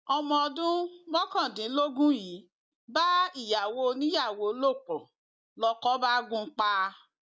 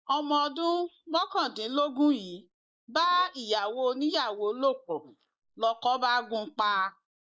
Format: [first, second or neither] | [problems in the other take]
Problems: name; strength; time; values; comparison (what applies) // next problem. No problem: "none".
first | noise reduction (neural mask model Resemble Enhance denoiser)